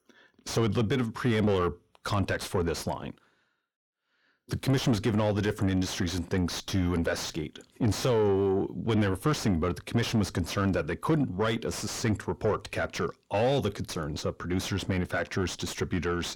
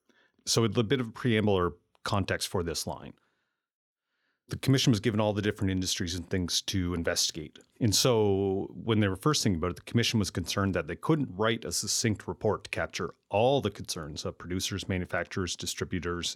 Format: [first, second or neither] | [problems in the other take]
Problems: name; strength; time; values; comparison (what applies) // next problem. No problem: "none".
second | distortion; heavy; 7 dB below the speech